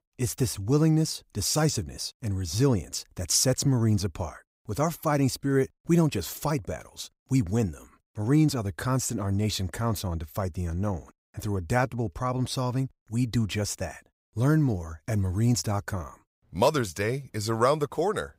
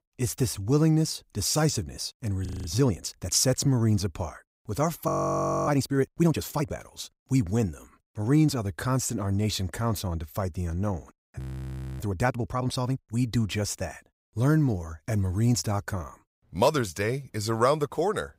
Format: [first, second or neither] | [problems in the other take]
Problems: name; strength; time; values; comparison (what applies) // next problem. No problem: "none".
first | audio freezing; at 2.5 s, at 5 s for 0.5 s and at 11 s for 0.5 s